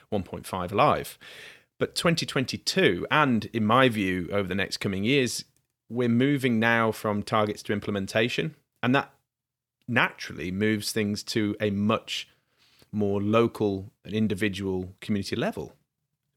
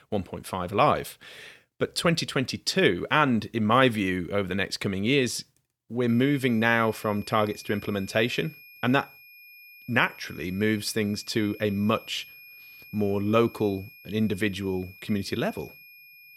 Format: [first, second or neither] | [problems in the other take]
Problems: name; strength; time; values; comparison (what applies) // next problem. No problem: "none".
first | high-pitched whine; faint; from 6 s on; 2.5 kHz, 20 dB below the speech